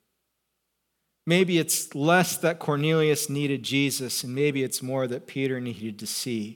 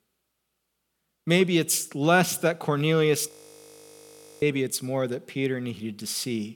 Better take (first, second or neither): first